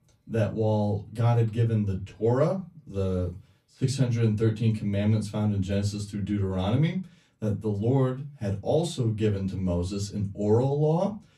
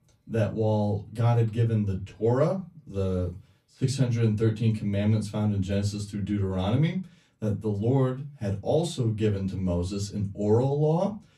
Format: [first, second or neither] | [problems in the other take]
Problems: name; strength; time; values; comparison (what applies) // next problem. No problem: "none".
neither | off-mic speech; far; the same in both // room echo; very slight; dies away in 0.2 s; the same in both